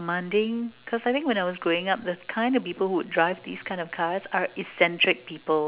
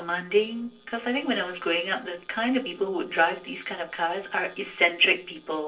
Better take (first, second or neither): first